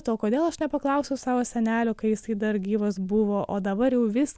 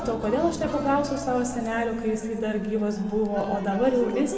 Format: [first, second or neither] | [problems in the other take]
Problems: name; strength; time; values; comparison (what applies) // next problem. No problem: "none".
first | background sound (Cheering); 12 dB below the speech // room echo; dies away in 1.9 s